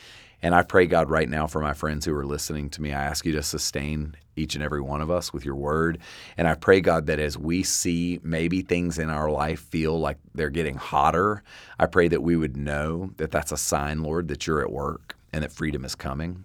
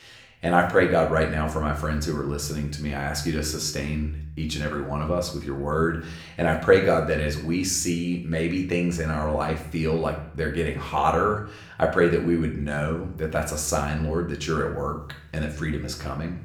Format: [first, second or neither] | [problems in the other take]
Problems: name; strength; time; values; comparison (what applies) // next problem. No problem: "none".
first | room echo; slight; dies away in 0.5 s // off-mic speech; somewhat distant